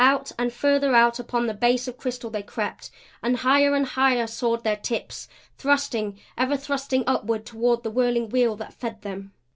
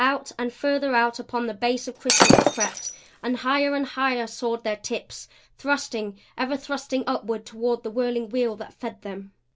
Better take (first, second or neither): first